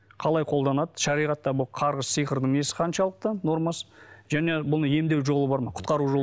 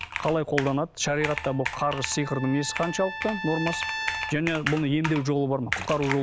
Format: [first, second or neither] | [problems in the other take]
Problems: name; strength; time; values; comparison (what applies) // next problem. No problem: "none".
first | background sound (Trumpet + Computer keyboard); 7 dB below the speech